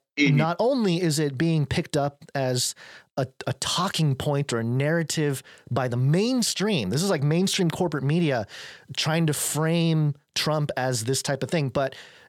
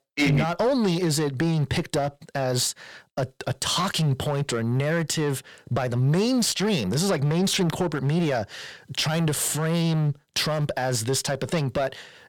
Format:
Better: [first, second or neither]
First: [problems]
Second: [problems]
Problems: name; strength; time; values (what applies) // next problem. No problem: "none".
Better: first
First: none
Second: distortion; slight; 10% of the sound clipped